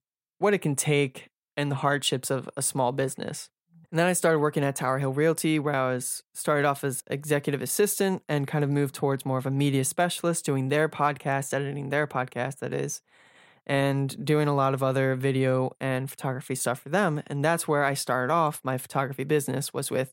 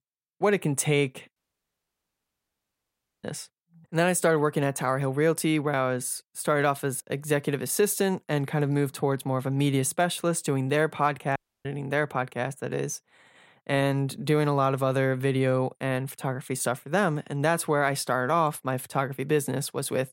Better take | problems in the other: first | audio cutting out; at 1.5 s for 2 s and at 11 s

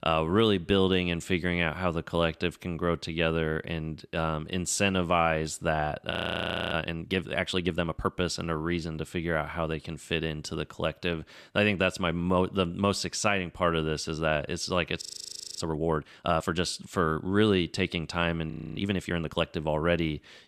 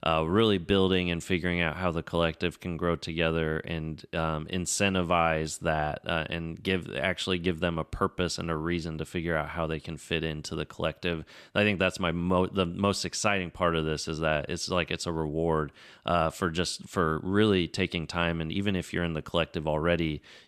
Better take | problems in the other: second | audio freezing; at 6 s for 0.5 s, at 15 s for 0.5 s and at 19 s

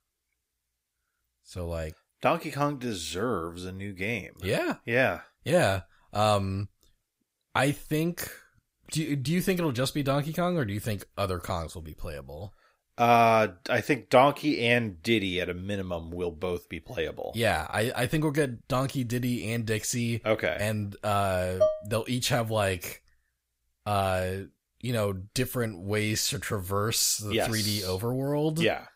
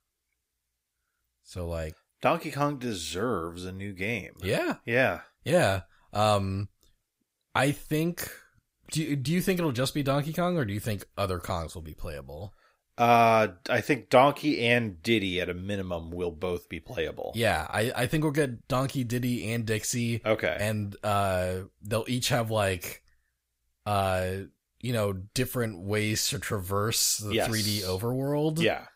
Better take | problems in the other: second | clattering dishes; loud; at 22 s; peak 1 dB above the speech

